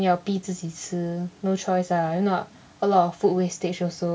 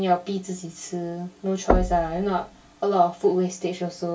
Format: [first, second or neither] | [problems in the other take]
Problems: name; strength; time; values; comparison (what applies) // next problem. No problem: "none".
first | background sound (Knock); 4 dB below the speech // room echo; dies away in 0.2 s